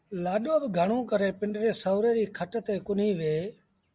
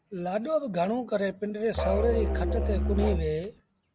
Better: first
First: none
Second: background sound (Musical instrument); 1 dB above the speech

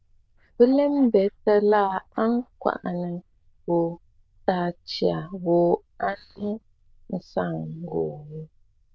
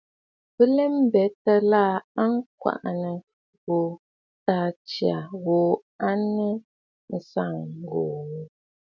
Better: second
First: noise reduction (neural diffusion model UNIVERSE++)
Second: none

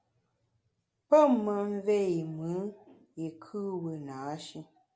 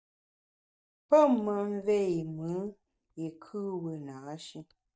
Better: first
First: none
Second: noise reduction (neural mask model DeepFilterNet 3)

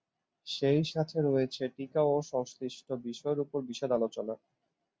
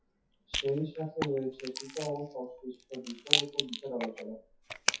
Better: first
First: none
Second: noise reduction (classical method WPE with log-MMSE)

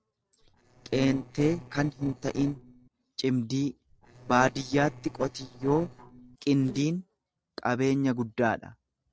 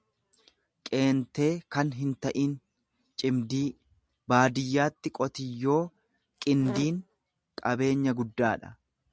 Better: second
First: noise reduction (neural separator model SepFormer DNS4)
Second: none

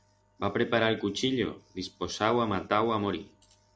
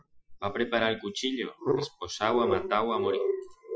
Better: first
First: none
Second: noise reduction (classical method Wiener filter)

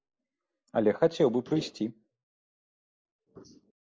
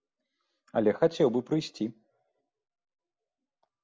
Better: second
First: noise reduction (neural mask model Resemble Enhance denoiser)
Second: none

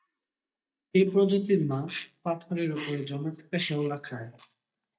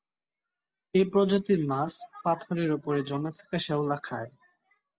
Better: second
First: noise reduction (neural mask model DeepFilterNet 3)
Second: none

